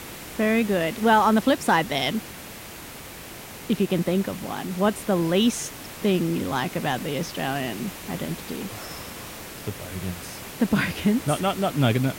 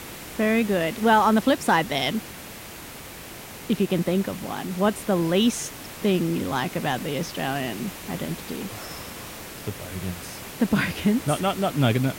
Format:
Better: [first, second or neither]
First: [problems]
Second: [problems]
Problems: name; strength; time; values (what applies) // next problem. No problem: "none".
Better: neither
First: hiss; noticeable; throughout; 15 dB below the speech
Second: hiss; noticeable; throughout; 15 dB below the speech